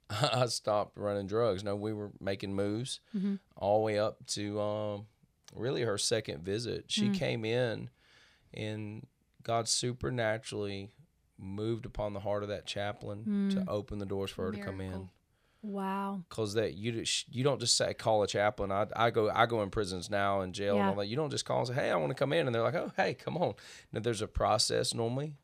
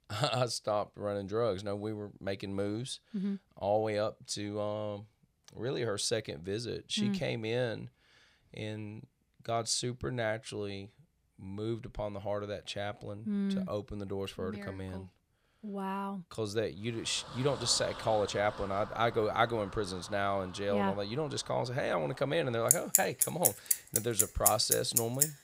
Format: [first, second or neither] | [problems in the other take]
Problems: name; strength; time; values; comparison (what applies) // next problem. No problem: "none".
first | traffic noise; very faint; from 17 s on; 3 dB above the speech